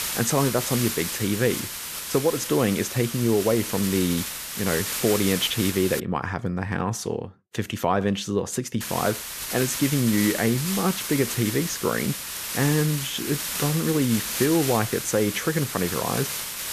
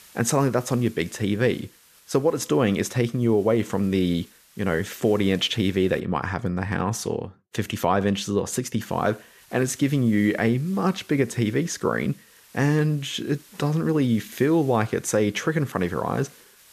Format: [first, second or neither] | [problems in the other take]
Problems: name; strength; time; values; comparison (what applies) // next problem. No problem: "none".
second | hiss; loud; until 6 s and from 9 s on; 4 dB below the speech; faint in the second